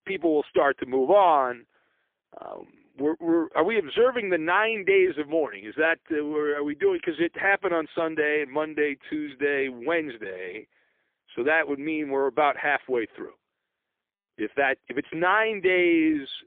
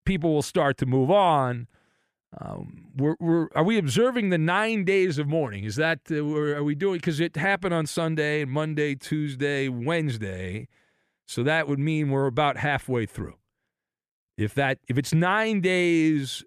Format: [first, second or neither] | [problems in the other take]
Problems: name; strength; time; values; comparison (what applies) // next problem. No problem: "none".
second | phone-call audio; poor line; nothing above 3.5 kHz